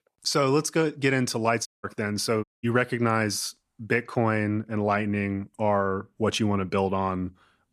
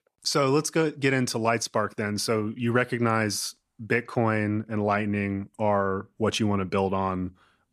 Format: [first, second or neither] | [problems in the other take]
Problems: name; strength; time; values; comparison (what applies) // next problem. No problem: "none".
second | audio cutting out; at 1.5 s and at 2.5 s